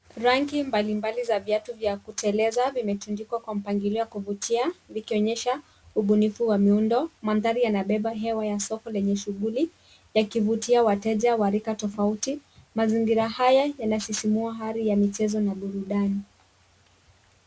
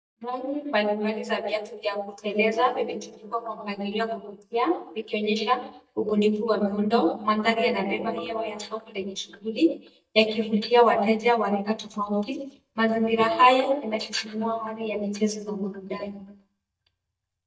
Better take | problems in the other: first | noise reduction (neural mask model DeepFilterNet 3)

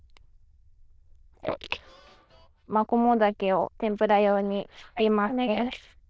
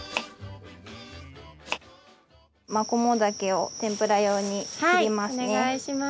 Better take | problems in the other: second | noise reduction (neural diffusion model UNIVERSE++)

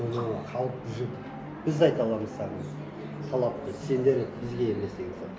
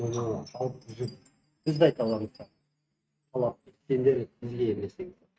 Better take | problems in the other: first | noise reduction (neural mask model RNNoise)

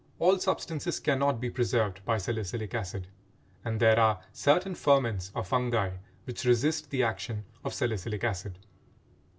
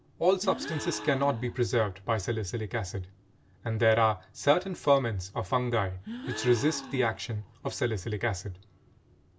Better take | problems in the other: first | background sound (Gasp); 14 dB below the speech

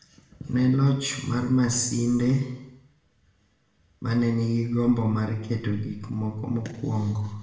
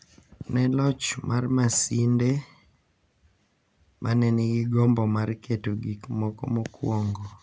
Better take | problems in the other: second | room echo; dies away in 0.8 s

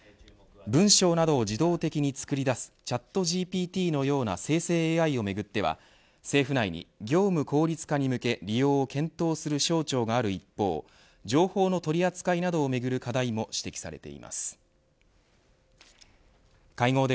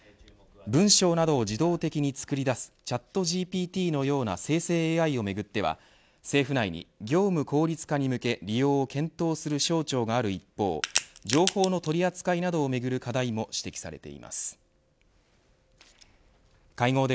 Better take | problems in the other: first | background sound (Crack); 5 dB below the speech

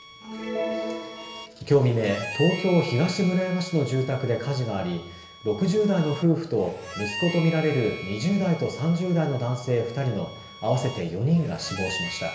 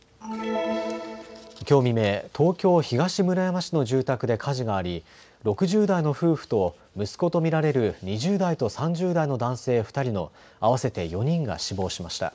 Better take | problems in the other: second | background sound (Harmonica); 14 dB below the speech // room echo; dies away in 0.8 s

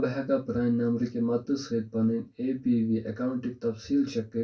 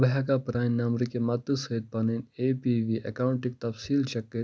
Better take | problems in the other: second | room echo; dies away in 0.2 s

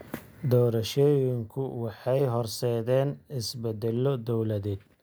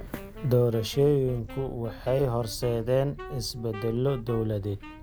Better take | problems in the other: first | background sound (Camera + Wind instrument, woodwind instrument); 14 dB below the speech

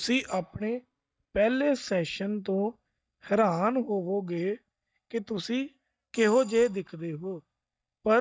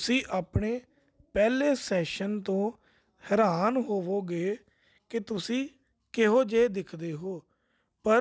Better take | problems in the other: second | noise reduction (neural mask model DeepFilterNet 3)

